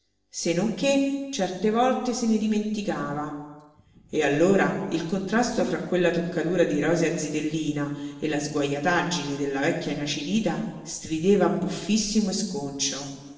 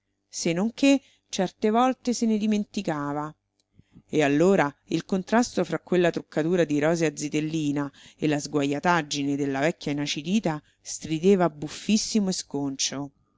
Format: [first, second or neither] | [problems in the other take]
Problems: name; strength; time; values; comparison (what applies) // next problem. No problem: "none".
second | room echo; dies away in 1.1 s